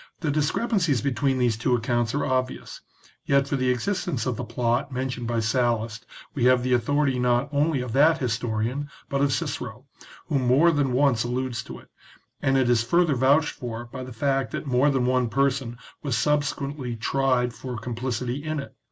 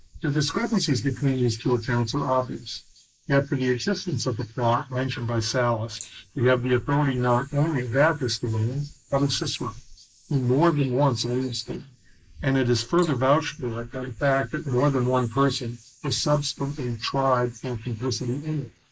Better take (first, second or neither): first